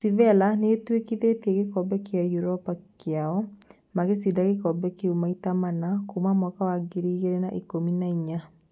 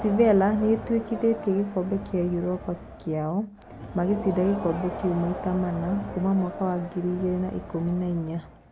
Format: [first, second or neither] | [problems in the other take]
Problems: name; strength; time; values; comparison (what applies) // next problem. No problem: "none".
first | background sound (Crowd); 11 dB below the speech